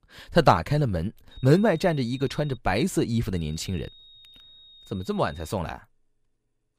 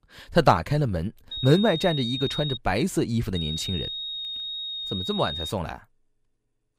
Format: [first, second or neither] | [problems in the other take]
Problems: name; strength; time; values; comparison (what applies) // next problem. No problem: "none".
first | high-pitched whine; loud; from 1.5 to 2.5 s and from 3.5 to 5.5 s; 4 kHz, 5 dB below the speech; faint in the first